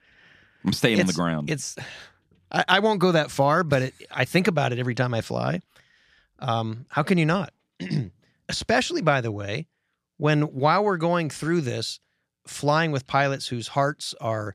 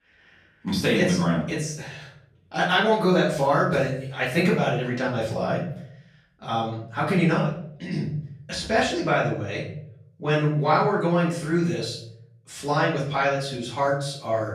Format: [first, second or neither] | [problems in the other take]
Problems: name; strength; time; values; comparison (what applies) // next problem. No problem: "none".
first | room echo; noticeable; dies away in 0.5 s // off-mic speech; far